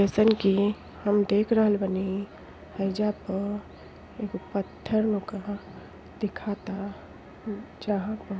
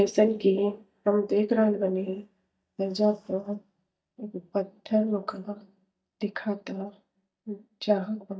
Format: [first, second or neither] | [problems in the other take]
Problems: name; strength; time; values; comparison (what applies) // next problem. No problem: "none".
first | noise reduction (neural mask model DeepFilterNet 3)